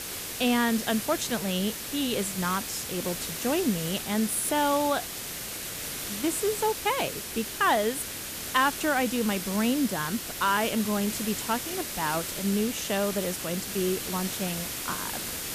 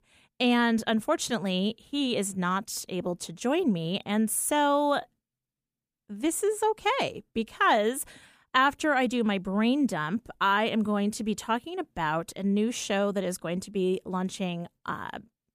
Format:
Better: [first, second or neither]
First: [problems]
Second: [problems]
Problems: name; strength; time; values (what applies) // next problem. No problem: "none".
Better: second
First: hiss; loud; throughout; 4 dB below the speech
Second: none